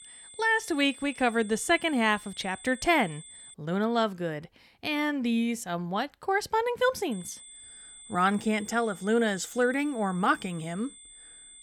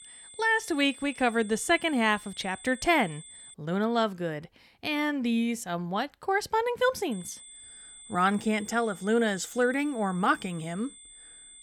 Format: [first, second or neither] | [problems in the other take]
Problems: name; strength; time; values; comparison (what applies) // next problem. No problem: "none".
neither | high-pitched whine; noticeable; until 3.5 s and from 7 s on; 8 kHz, 20 dB below the speech; the same in both